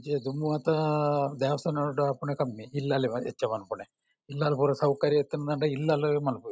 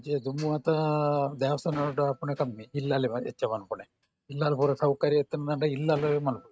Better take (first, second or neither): first